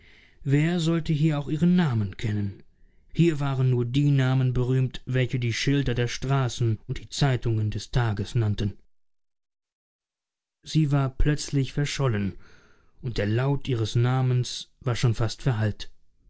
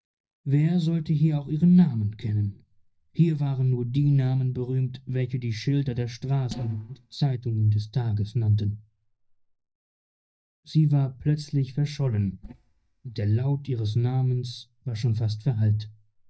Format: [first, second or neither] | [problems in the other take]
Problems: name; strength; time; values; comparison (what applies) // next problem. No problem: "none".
first | noise reduction (neural mask model DeepFilterNet 3)